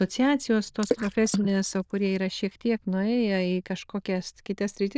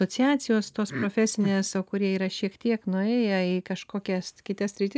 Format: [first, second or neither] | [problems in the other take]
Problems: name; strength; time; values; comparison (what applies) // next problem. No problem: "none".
second | noise reduction (neural diffusion model UNIVERSE++)